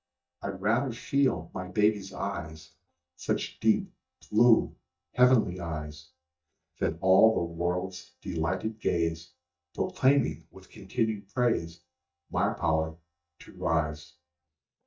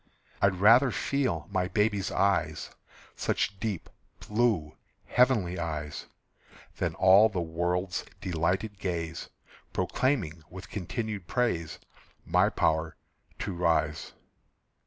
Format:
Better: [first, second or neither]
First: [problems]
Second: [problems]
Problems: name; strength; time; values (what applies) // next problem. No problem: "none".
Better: second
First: noise reduction (neural mask model DeepFilterNet 3)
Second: none